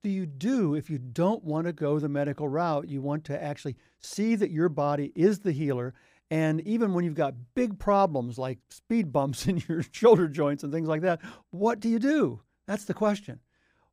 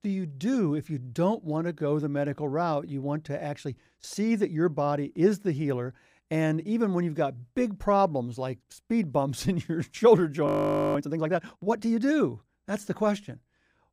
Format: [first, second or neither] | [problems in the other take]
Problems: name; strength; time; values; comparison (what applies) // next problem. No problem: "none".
first | audio freezing; at 10 s